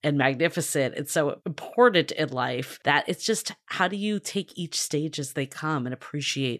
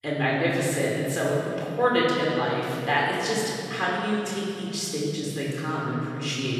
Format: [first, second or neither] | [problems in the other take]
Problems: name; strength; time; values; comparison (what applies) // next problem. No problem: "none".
first | off-mic speech; far // room echo; strong; dies away in 2.7 s